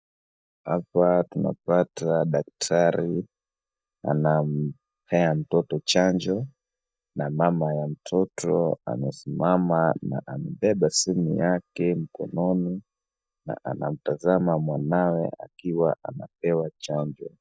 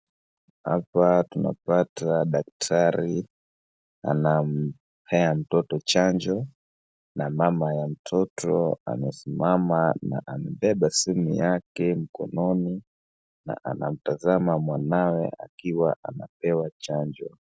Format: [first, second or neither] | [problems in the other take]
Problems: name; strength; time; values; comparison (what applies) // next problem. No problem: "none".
second | noise reduction (neural mask model DeepFilterNet 3)